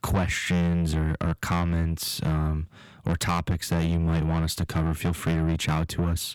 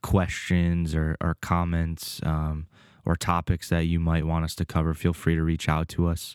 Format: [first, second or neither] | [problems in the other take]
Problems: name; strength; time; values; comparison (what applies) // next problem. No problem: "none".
second | distortion; heavy; 7 dB below the speech